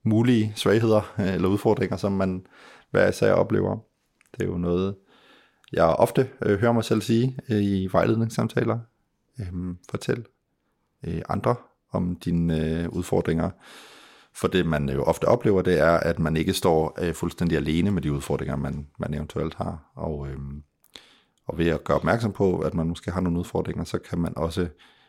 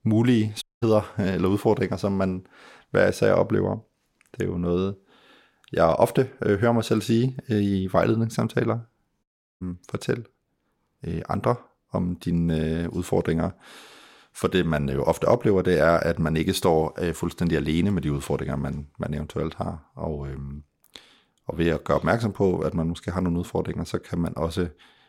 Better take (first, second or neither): first